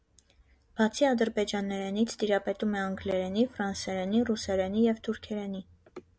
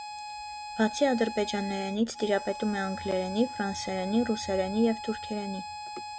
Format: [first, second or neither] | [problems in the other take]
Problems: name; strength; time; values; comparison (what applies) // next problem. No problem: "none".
first | background sound (Harmonica); 10 dB below the speech